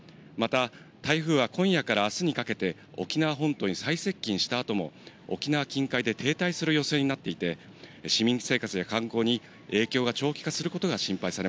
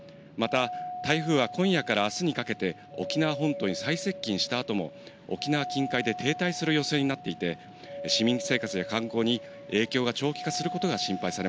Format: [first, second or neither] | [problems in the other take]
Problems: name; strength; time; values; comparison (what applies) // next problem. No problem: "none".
first | background sound (Doorbell); 11 dB below the speech